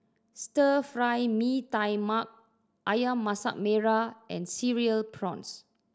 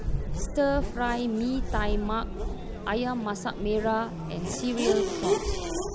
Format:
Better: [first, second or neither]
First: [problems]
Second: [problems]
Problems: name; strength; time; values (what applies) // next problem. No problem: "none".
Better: first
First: none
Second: background sound (Race car, auto racing / Accelerating, revving, vroom); as loud as the speech